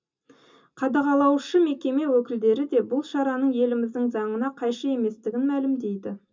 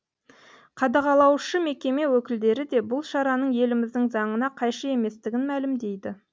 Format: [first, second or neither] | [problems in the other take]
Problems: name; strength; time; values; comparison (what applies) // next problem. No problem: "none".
second | room echo; dies away in 0.2 s